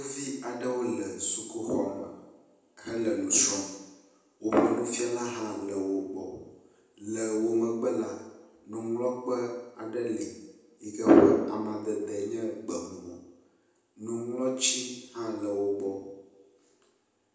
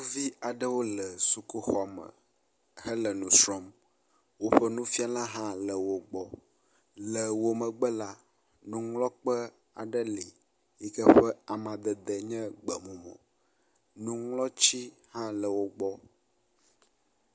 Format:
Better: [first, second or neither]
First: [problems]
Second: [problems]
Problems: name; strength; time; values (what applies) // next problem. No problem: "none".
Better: second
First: room echo; dies away in 0.9 s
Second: none